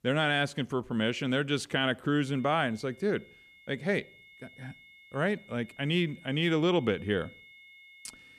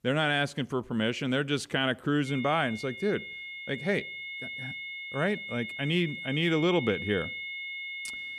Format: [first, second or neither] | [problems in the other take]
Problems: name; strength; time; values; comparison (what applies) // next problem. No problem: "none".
first | high-pitched whine; loud; from 2.5 s on; 2 kHz, 7 dB below the speech; faint in the first